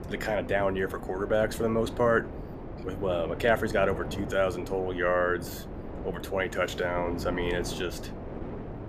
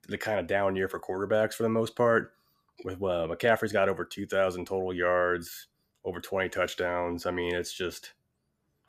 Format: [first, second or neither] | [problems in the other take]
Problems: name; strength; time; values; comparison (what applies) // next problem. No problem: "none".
second | wind noise on the microphone; occasional gusts; 15 dB below the speech